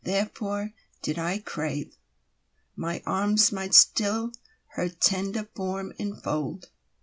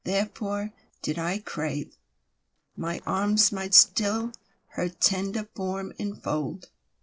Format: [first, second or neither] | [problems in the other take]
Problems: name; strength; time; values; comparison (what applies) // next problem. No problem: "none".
first | noise reduction (neural separator model SepFormer DNS4)